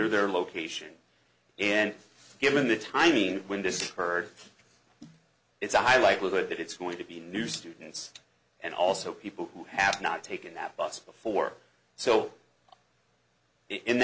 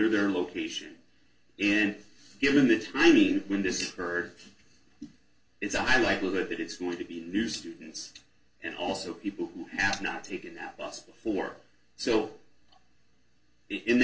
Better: first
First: none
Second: room echo; dies away in 0.2 s

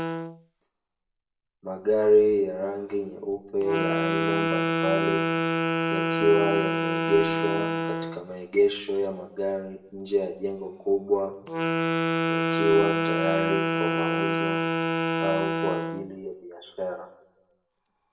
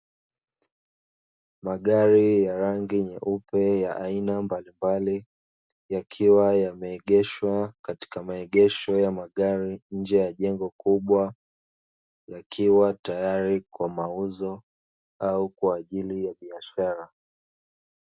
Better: second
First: background sound (Wind instrument, woodwind instrument); as loud as the speech // room echo; dies away in 0.6 s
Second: none

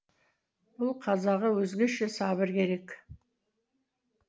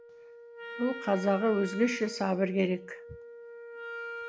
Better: first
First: none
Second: background sound (Wind instrument, woodwind instrument); 11 dB below the speech

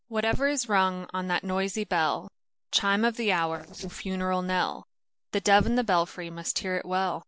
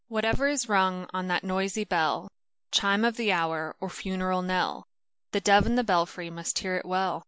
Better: second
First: noise reduction (neural separator model SepFormer DNS4)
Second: none

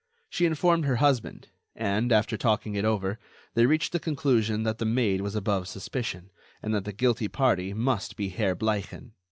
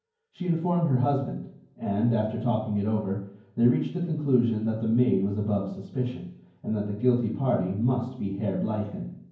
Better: first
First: none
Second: room echo; dies away in 0.9 s

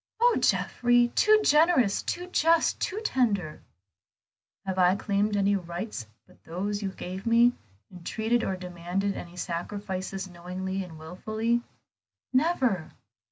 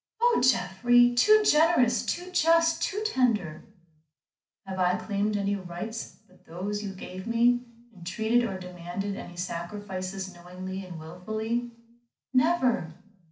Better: first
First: none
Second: room echo; dies away in 0.4 s

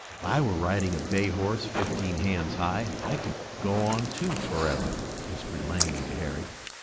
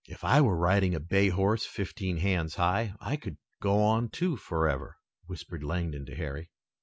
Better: second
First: noise reduction (neural mask model Resemble Enhance denoiser)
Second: none

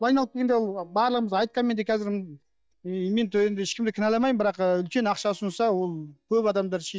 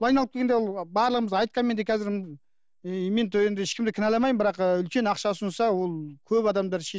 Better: second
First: noise reduction (neural mask model DeepFilterNet 3)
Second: none

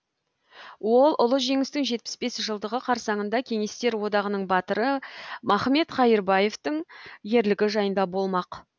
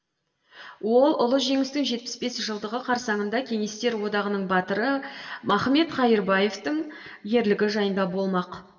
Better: first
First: none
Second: room echo; dies away in 1 s

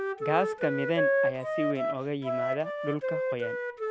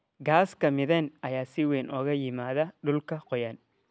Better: second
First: background sound (Wind instrument, woodwind instrument); 2 dB above the speech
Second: none

